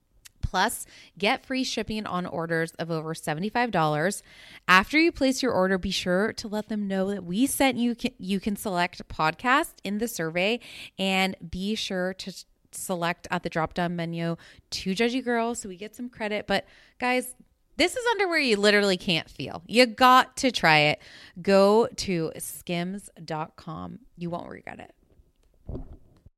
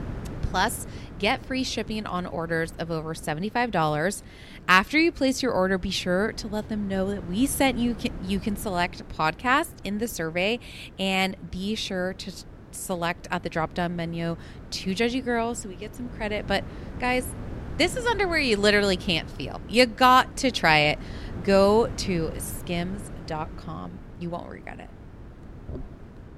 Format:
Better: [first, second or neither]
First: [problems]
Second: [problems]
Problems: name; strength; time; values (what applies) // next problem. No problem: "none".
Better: first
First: none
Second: wind noise on the microphone; occasional gusts; 20 dB below the speech